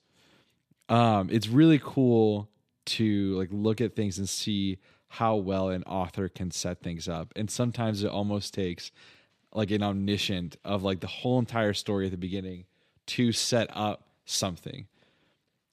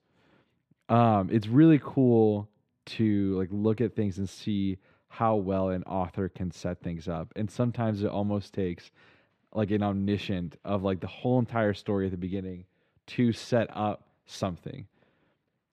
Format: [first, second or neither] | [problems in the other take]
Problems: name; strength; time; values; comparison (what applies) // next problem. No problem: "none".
first | muffled; slightly; fading above 3 kHz